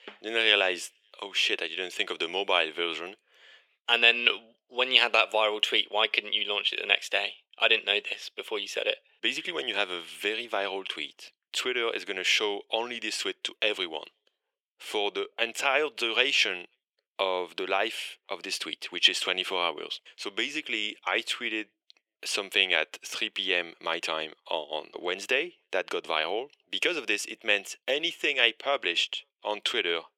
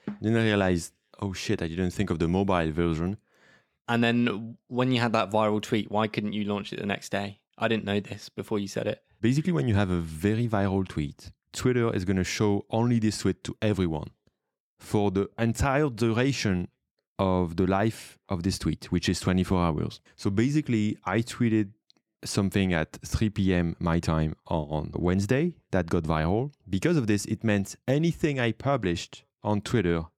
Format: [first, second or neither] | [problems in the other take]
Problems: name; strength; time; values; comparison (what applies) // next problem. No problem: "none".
second | thin; very; fading below 450 Hz